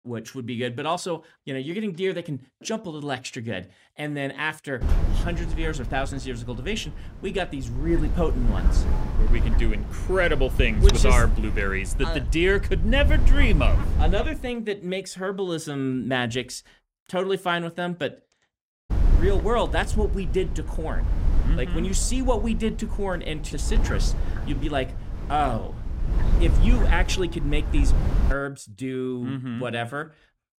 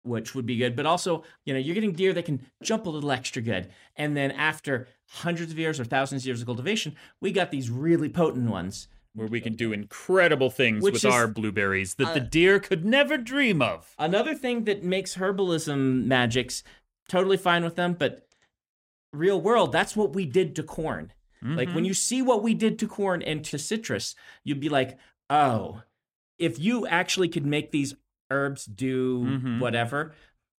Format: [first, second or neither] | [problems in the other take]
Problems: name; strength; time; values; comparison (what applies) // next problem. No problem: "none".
second | wind noise on the microphone; occasional gusts; from 5 to 15 s and from 19 to 28 s; 10 dB below the speech